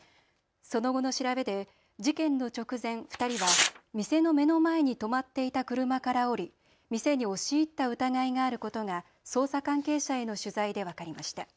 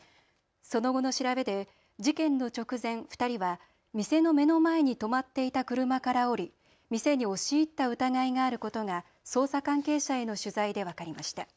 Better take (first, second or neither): second